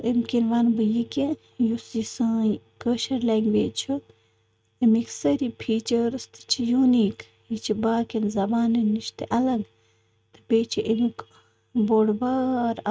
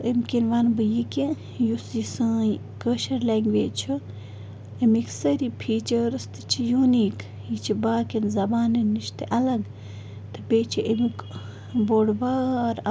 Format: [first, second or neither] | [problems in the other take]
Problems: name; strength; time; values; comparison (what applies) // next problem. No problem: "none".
second | noise reduction (neural mask model RNNoise)